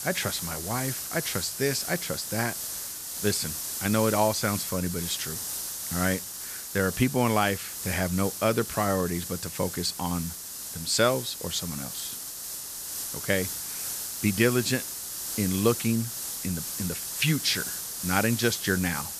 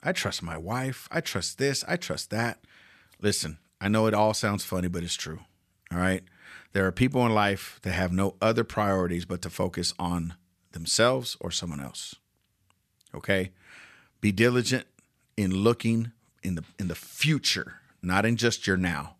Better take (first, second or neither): second